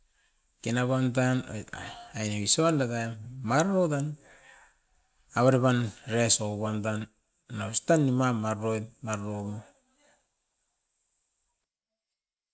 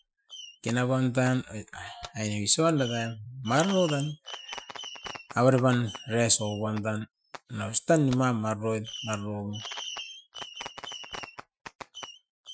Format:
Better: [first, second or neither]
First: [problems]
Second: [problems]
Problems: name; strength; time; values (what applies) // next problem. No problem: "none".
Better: first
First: none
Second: noise reduction (classical method Wiener filter)